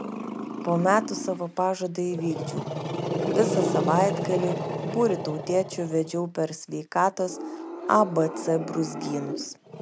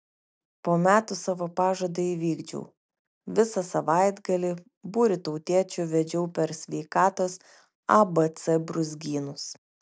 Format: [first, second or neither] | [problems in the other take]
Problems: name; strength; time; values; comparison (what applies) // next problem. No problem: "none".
second | background sound (Growling); 5 dB below the speech